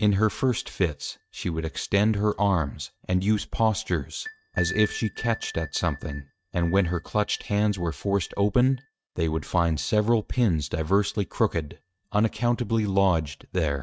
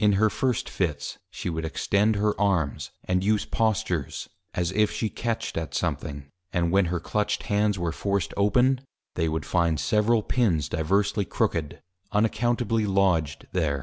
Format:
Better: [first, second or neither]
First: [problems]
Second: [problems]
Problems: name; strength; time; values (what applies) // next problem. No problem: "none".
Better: second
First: noise reduction (neural mask model RNNoise)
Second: none